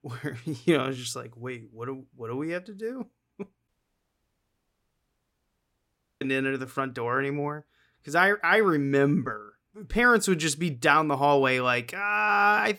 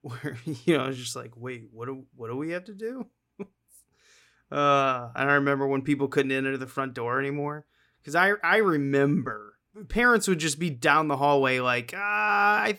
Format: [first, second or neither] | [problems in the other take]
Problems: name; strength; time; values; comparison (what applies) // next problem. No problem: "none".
second | audio cutting out; at 3.5 s for 2.5 s